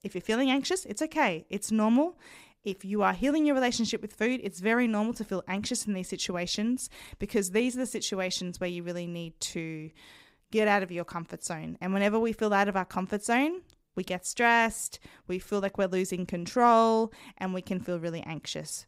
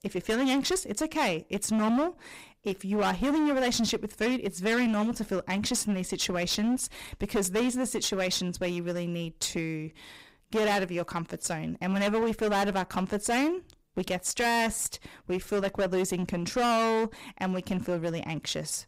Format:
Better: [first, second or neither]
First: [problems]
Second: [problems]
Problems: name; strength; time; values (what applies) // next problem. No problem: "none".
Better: first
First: none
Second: distortion; heavy; 16% of the sound clipped